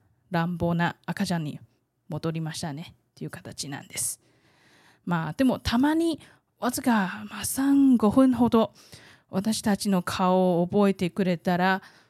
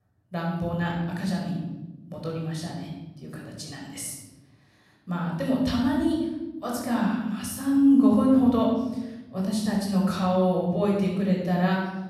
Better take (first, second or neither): first